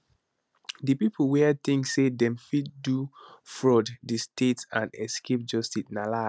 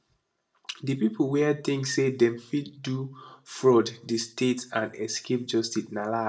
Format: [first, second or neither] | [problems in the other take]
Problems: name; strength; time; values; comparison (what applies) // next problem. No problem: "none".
first | room echo; dies away in 0.3 s